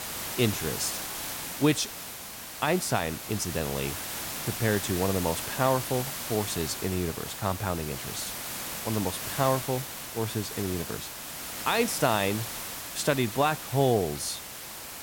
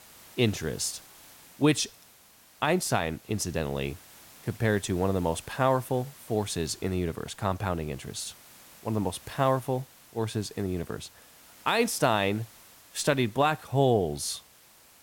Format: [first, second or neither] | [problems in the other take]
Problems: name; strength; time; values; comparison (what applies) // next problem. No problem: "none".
second | hiss; loud; throughout; 5 dB below the speech; faint in the second